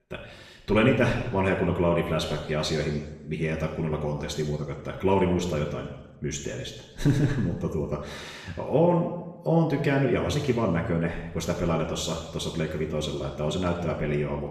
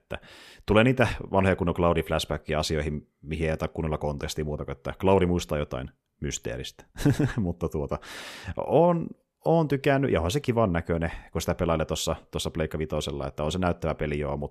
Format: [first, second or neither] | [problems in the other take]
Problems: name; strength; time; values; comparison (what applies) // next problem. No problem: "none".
second | room echo; noticeable; dies away in 1 s // off-mic speech; somewhat distant